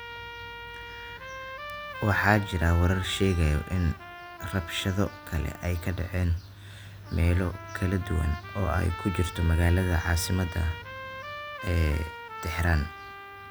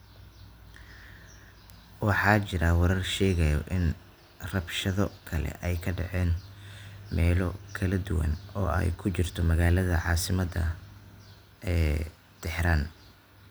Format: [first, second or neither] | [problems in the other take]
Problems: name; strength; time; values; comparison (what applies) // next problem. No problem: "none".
second | background sound (Trumpet); 13 dB below the speech